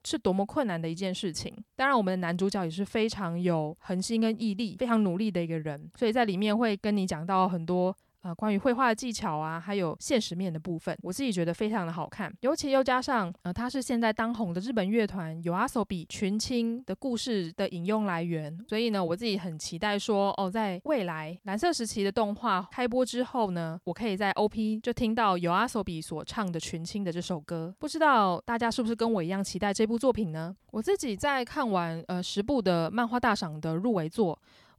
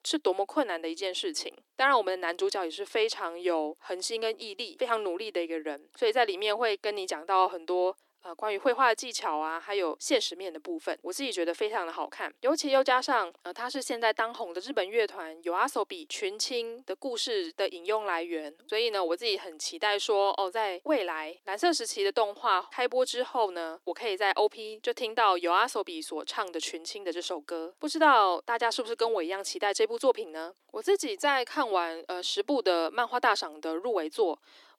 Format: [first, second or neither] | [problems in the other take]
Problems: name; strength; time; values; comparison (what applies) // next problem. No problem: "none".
first | thin; very; fading below 300 Hz